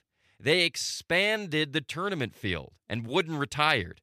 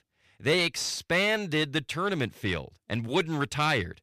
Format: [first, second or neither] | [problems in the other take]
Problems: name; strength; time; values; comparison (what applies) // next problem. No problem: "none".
first | distortion; slight; 10 dB below the speech